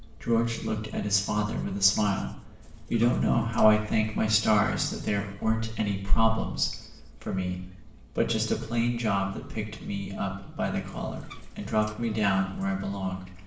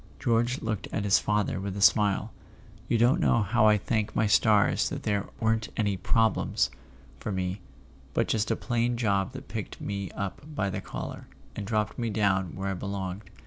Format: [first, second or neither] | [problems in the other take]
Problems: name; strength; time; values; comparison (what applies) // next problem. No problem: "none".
second | background sound (Bathtub (filling or washing)); 20 dB below the speech // room echo; dies away in 0.8 s